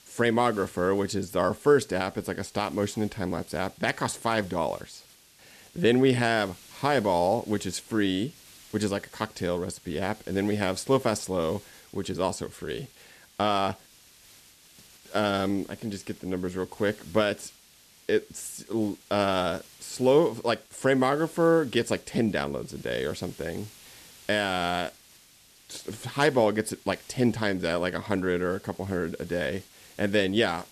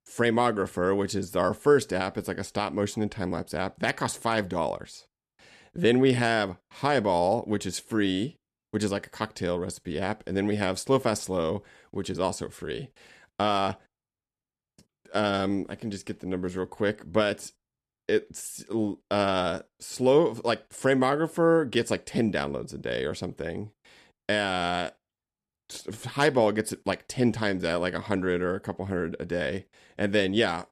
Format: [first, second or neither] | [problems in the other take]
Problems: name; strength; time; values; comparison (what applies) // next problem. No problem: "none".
second | hiss; faint; throughout; 25 dB below the speech